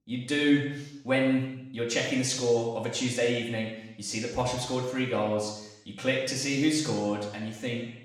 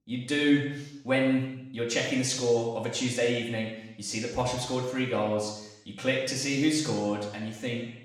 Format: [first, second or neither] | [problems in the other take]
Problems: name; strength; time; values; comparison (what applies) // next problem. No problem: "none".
neither | room echo; noticeable; dies away in 0.9 s; the same in both // off-mic speech; somewhat distant; the same in both